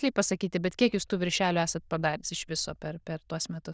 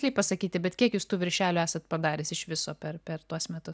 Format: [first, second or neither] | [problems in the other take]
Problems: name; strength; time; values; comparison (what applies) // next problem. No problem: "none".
second | noise reduction (neural diffusion model UNIVERSE++)